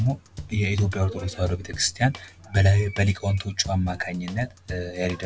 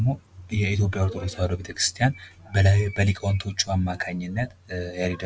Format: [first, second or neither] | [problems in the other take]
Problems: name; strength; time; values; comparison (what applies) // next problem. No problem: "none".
second | background sound (Drum / Drum kit); 17 dB below the speech